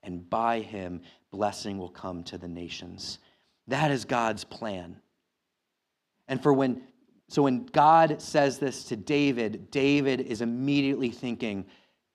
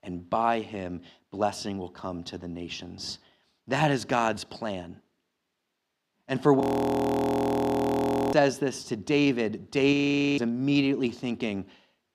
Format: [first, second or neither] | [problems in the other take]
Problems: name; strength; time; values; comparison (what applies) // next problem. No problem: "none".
first | audio freezing; at 6.5 s for 1.5 s and at 10 s